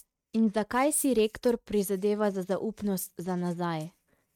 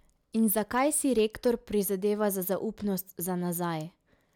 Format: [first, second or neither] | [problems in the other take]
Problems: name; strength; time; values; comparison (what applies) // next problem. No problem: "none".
second | noise reduction (neural mask model RNNoise)